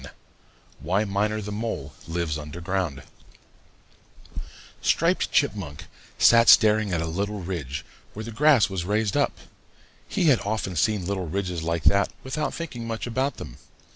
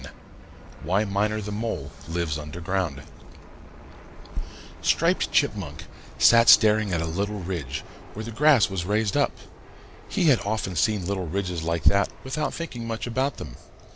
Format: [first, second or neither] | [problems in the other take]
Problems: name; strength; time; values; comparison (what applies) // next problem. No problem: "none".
first | background sound (Fixed-wing aircraft, airplane); 18 dB below the speech